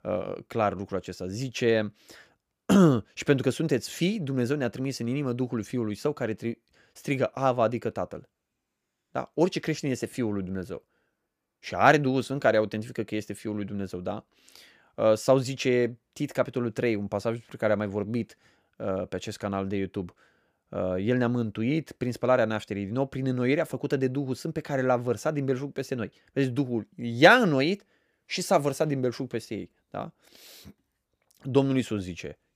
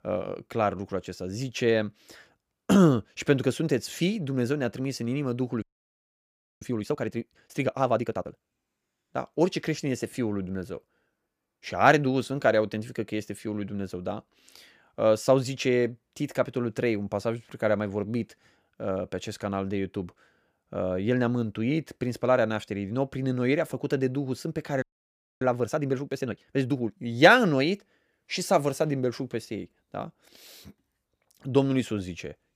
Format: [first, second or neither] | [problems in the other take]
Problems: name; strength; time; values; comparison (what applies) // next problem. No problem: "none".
first | audio freezing; at 5.5 s for 1 s and at 25 s for 0.5 s